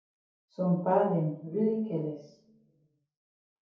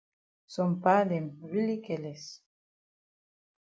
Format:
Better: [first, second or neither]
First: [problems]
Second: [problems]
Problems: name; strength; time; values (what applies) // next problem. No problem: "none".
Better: second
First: room echo; dies away in 0.6 s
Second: none